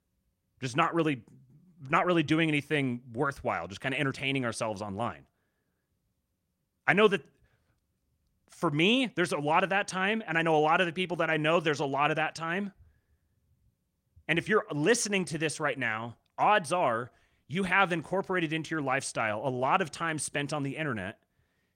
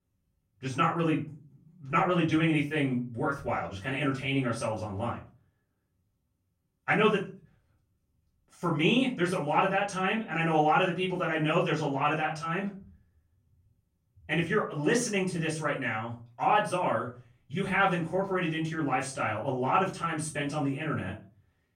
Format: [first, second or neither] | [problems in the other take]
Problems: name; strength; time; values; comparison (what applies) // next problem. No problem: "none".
first | off-mic speech; far // room echo; slight; dies away in 0.3 s